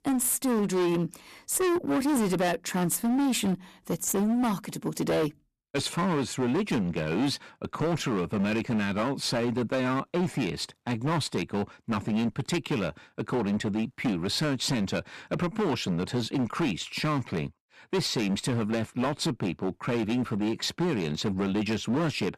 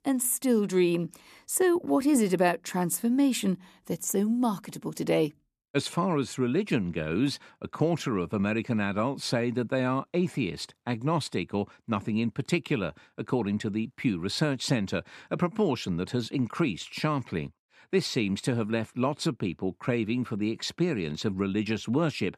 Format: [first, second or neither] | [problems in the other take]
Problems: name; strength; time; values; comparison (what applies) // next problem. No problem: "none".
second | distortion; heavy; 18% of the sound clipped